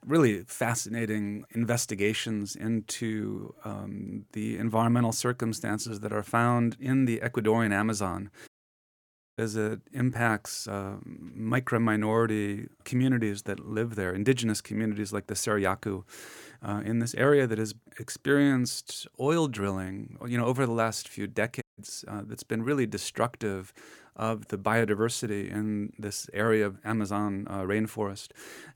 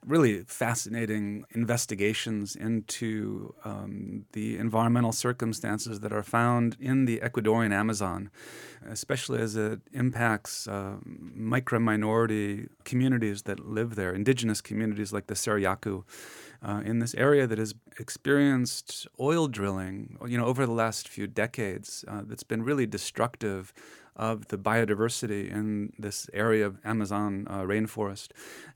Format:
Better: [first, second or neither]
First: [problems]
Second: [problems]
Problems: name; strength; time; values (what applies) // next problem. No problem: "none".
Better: second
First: audio cutting out; at 8.5 s for 1 s and at 22 s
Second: none